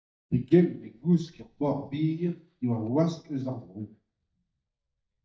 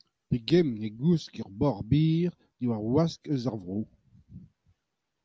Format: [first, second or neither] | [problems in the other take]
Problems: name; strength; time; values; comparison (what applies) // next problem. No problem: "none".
second | noise reduction (neural mask model DeepFilterNet 3)